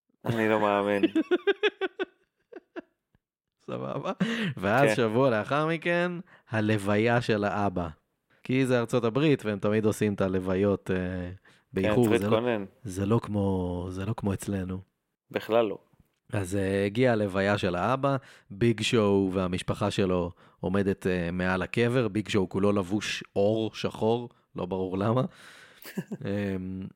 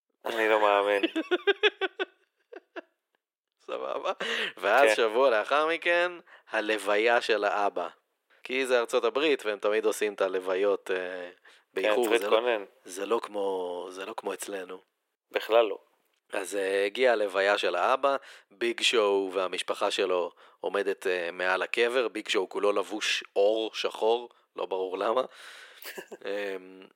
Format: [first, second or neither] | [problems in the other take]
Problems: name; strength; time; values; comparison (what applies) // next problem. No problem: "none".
first | thin; very; fading below 400 Hz